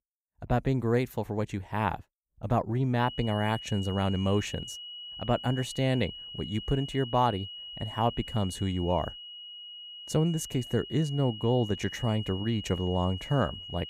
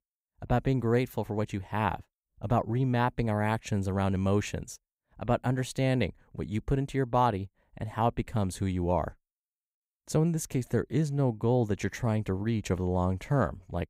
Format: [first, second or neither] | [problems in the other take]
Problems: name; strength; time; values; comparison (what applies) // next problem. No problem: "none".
second | high-pitched whine; noticeable; from 3 s on; 3 kHz, 10 dB below the speech